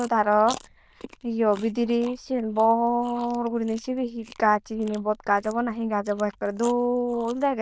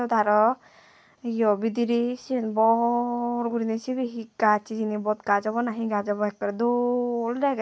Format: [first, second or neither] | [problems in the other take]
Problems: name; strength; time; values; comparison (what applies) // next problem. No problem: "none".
second | noise reduction (neural diffusion model UNIVERSE++)